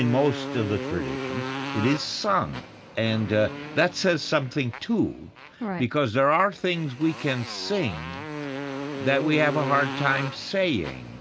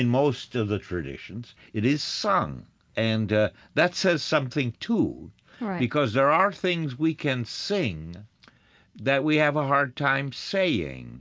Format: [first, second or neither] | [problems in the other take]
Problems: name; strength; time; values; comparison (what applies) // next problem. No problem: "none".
second | background sound (Motorcycle); 9 dB below the speech